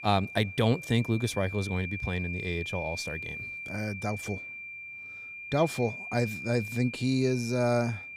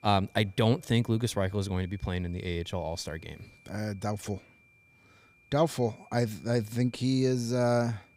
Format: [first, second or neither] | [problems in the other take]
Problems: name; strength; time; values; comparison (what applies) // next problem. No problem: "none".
second | high-pitched whine; loud; throughout; 2.5 kHz, 8 dB below the speech; faint in the second